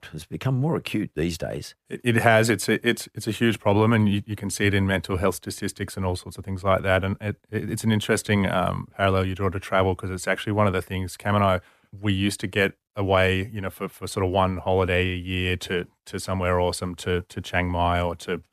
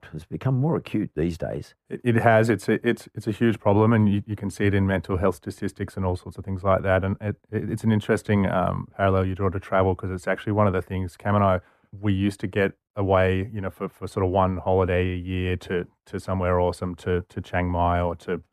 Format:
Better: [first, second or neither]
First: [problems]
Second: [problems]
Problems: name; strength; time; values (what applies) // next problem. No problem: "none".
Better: first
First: none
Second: muffled; slightly; fading above 2 kHz